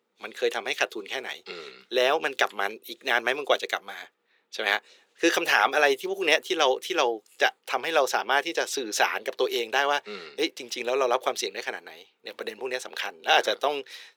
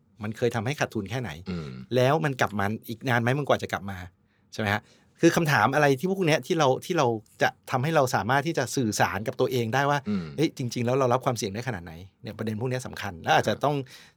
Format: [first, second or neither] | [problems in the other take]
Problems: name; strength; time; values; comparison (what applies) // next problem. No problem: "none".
second | thin; very; fading below 400 Hz